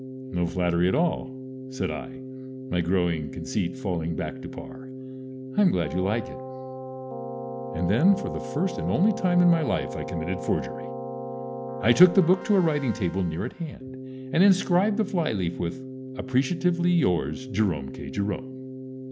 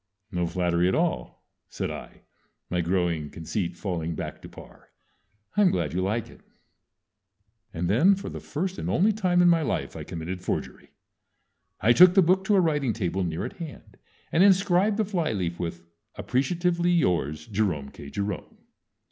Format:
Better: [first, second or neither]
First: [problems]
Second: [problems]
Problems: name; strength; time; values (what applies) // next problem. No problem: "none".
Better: second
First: background sound (Keyboard (musical)); 9 dB below the speech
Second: none